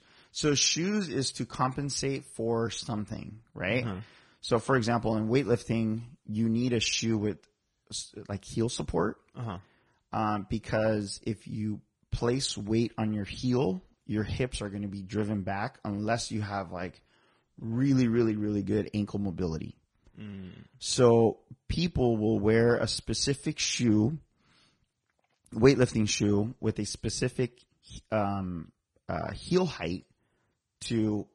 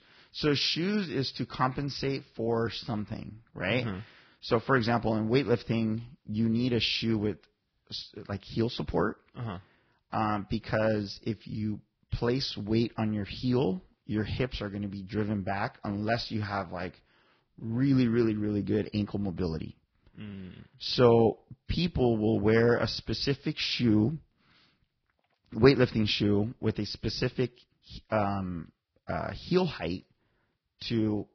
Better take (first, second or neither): first